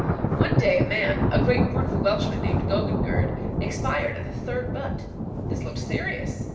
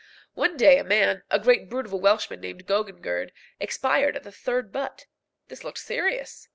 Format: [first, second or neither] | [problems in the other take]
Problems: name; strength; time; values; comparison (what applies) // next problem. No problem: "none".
second | background sound (Thunder); 4 dB above the speech // room echo; dies away in 0.8 s